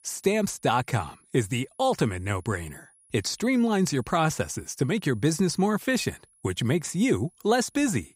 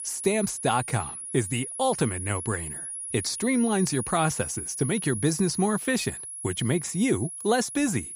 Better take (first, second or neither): first